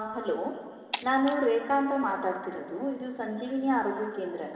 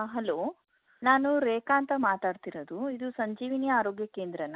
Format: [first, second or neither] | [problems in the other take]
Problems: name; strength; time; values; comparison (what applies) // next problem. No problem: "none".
second | background sound (Shatter); 15 dB below the speech // room echo; dies away in 2.3 s